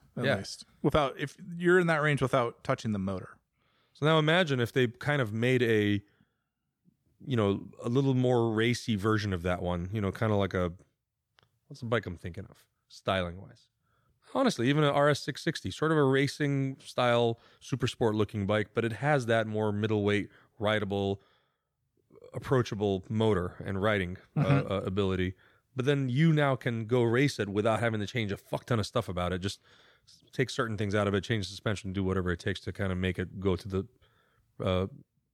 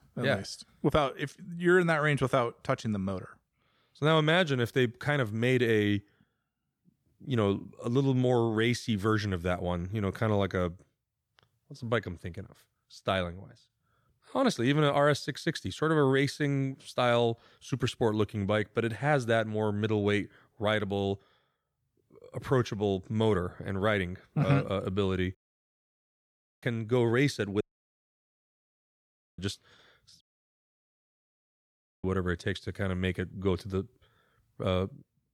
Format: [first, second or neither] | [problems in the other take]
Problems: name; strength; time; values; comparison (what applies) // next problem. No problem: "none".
first | audio cutting out; at 25 s for 1.5 s, at 28 s for 2 s and at 30 s for 2 s